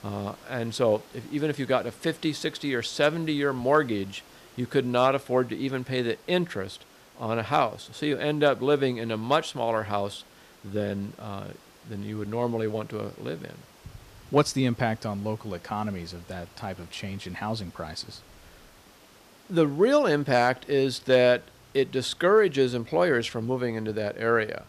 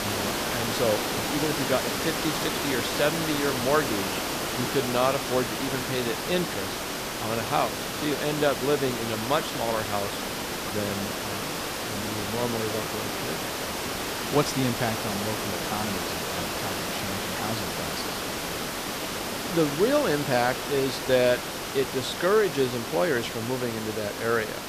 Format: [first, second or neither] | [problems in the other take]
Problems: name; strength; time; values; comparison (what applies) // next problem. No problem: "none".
first | hiss; loud; throughout; 1 dB below the speech; faint in the first